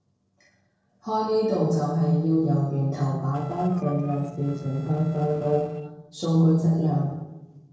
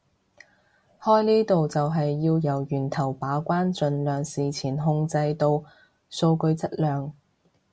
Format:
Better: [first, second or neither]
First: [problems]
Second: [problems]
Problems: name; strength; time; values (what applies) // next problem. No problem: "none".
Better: second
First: noise reduction (neural separator model SepFormer DNS4)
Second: none